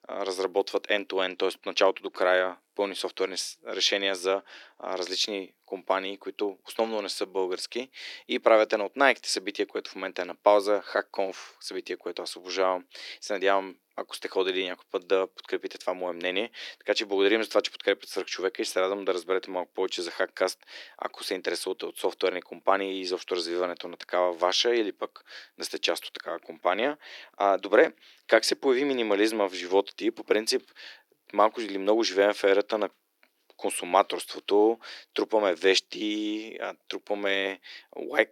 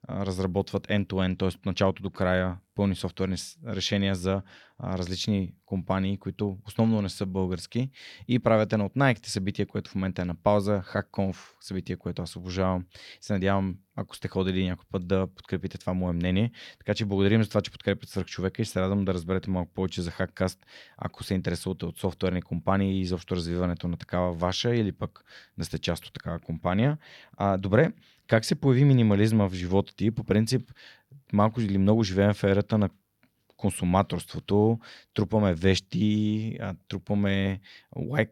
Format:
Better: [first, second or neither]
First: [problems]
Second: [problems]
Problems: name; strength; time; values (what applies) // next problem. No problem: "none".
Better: second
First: thin; very; fading below 300 Hz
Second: none